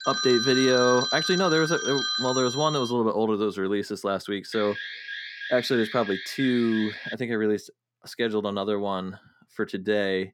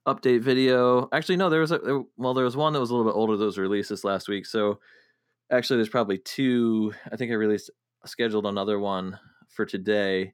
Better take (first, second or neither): second